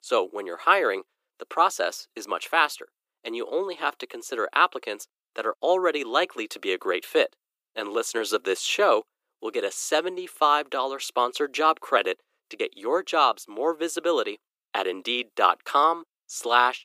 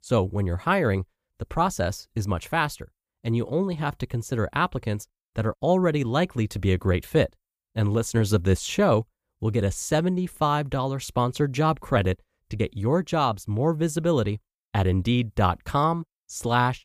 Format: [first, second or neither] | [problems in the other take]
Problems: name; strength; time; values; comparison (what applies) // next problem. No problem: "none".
second | thin; very; fading below 350 Hz